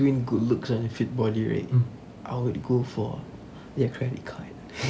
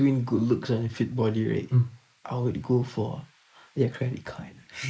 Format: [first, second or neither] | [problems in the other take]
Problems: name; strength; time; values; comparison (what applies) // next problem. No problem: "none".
first | noise reduction (neural mask model Resemble Enhance denoiser)